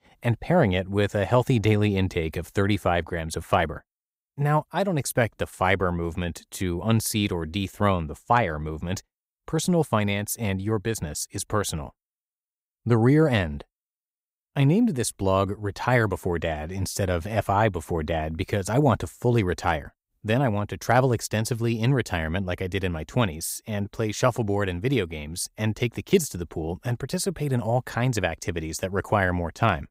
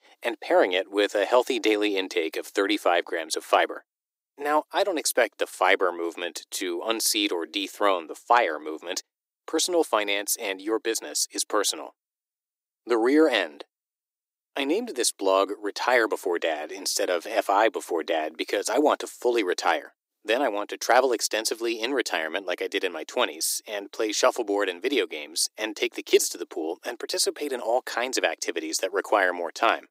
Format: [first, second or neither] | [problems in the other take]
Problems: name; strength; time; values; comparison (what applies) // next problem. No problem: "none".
first | thin; very; fading below 300 Hz